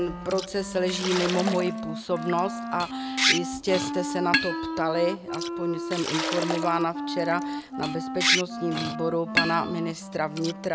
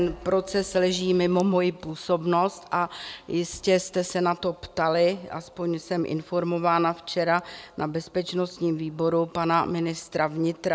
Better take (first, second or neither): second